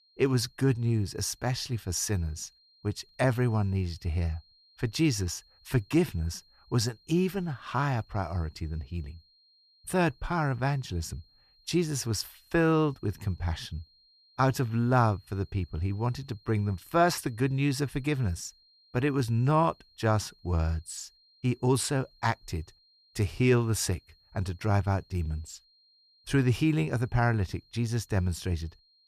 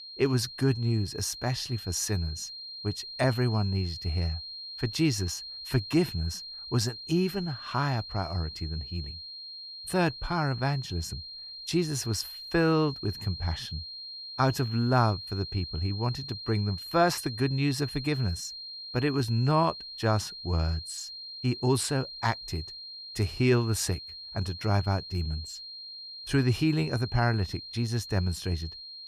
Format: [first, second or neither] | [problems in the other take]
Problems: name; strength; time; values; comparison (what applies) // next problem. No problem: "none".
first | high-pitched whine; loud; throughout; 4 kHz, 10 dB below the speech; faint in the first